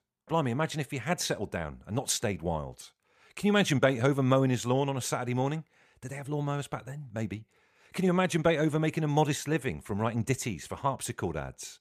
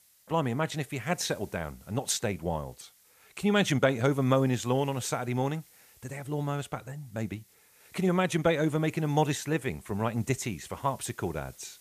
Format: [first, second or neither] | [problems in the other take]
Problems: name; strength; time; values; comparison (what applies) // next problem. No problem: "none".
first | hiss; faint; throughout; 25 dB below the speech